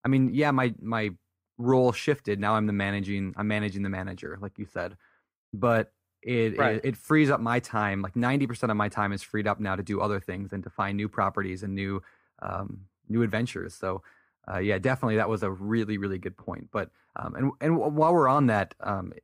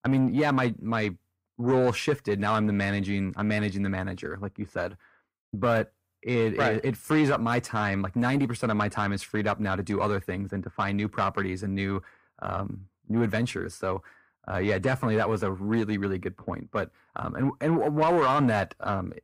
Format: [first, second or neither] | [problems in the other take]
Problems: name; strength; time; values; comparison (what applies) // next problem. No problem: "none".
first | distortion; slight; 10 dB below the speech